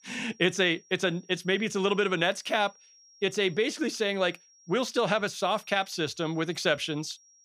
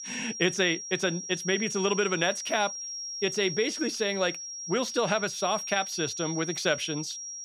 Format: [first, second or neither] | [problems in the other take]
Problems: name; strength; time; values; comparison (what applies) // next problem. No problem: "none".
first | high-pitched whine; loud; throughout; 5.5 kHz, 6 dB below the speech; faint in the first